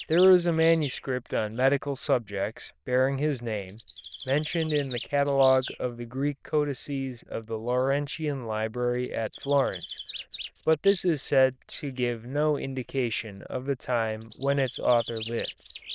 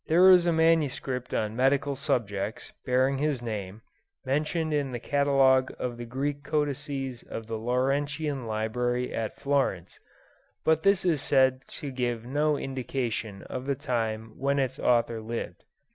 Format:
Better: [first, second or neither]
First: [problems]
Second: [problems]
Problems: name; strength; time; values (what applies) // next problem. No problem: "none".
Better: second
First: noise reduction (neural diffusion model UNIVERSE++)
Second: none